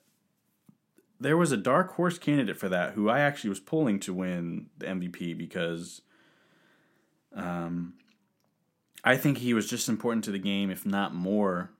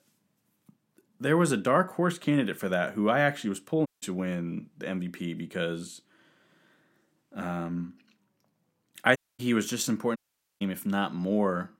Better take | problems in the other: first | audio cutting out; at 4 s, at 9 s and at 10 s

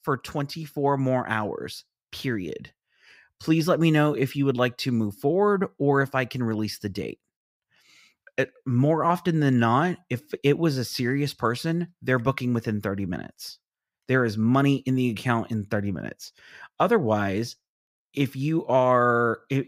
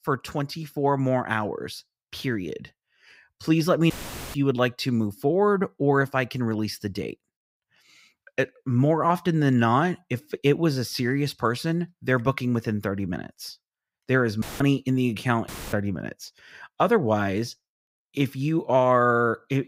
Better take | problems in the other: first | audio cutting out; filled with static; at 4 s, at 14 s and at 15 s

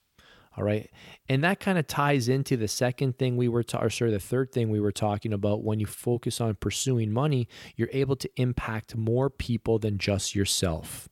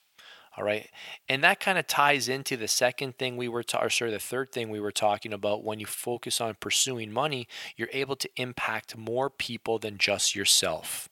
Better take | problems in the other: first | thin; somewhat; fading below 1 kHz

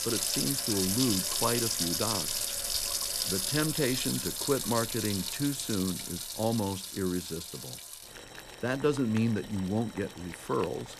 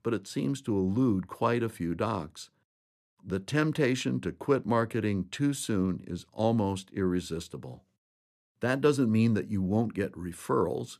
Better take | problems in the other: second | household noises; very loud; throughout; 1 dB above the speech

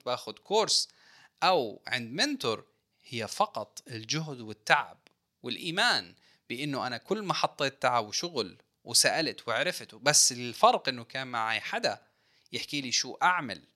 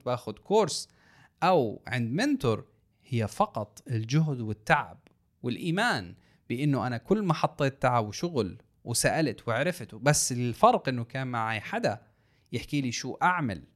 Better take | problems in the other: second | thin; somewhat; fading below 1 kHz

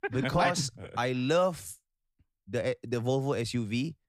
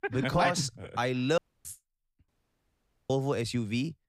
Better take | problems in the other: first | audio cutting out; at 1.5 s and at 2.5 s for 1 s

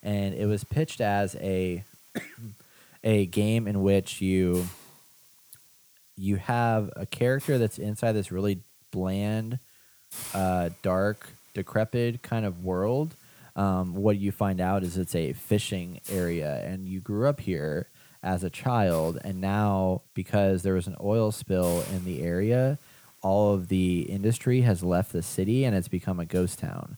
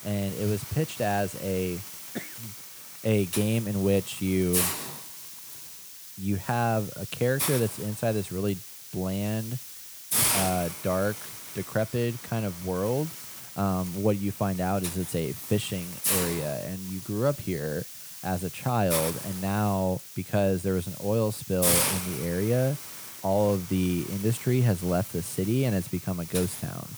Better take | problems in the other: first | hiss; loud; throughout; 4 dB below the speech; faint in the first

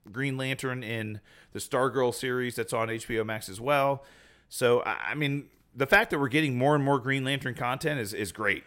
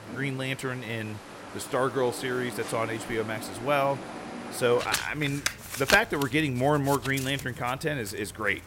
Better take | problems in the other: first | household noises; loud; throughout; 8 dB below the speech

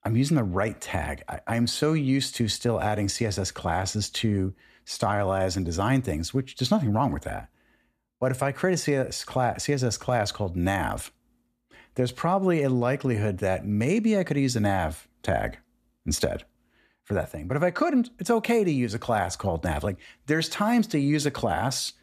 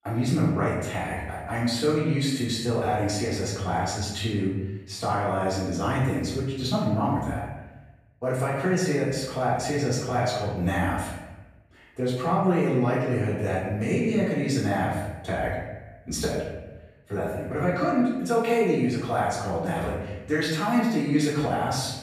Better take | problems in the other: first | off-mic speech; far // room echo; noticeable; dies away in 0.9 s

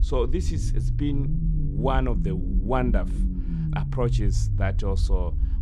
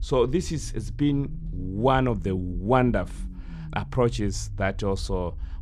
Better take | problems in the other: second | low rumble; loud; throughout; 9 dB below the speech; faint in the second

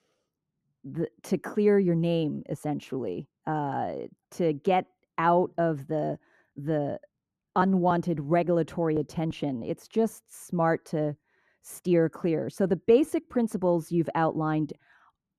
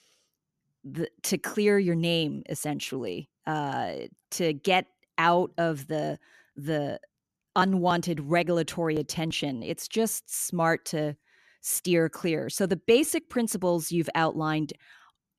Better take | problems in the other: second | muffled; very; fading above 2 kHz

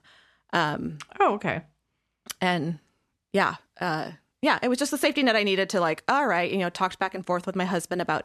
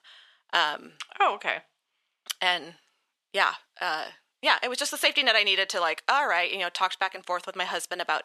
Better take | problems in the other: first | thin; very; fading below 700 Hz

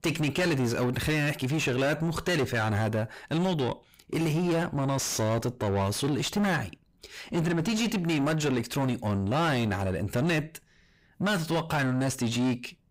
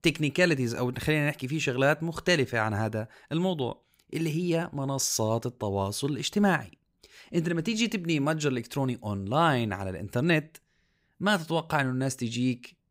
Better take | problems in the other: second | distortion; heavy; 6 dB below the speech

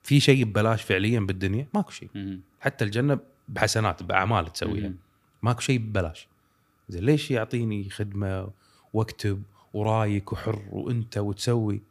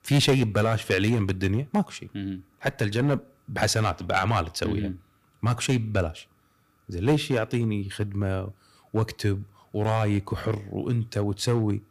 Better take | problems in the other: first | distortion; slight; 3% of the sound clipped

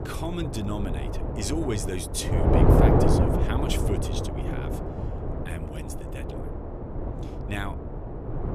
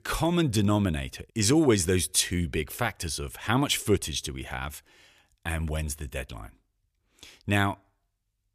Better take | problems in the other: second | wind noise on the microphone; heavy; 4 dB above the speech

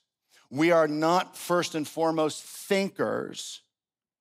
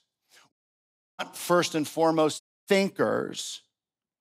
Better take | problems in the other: first | audio cutting out; at 0.5 s for 0.5 s and at 2.5 s

